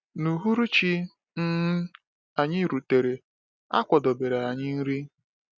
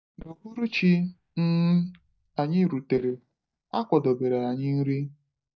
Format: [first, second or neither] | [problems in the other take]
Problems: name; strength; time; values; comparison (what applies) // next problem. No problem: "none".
first | noise reduction (neural mask model DeepFilterNet 3)